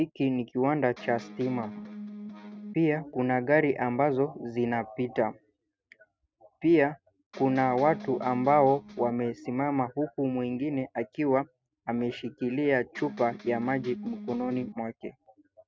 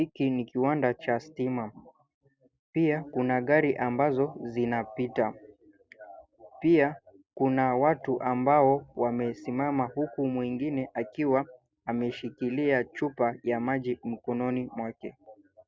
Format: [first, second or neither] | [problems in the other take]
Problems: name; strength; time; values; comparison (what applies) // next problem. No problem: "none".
second | noise reduction (neural mask model RNNoise)